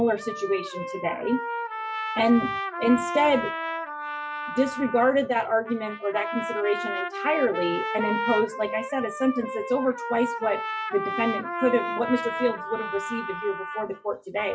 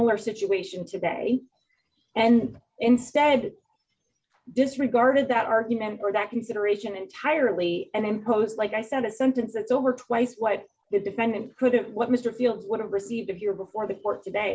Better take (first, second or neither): second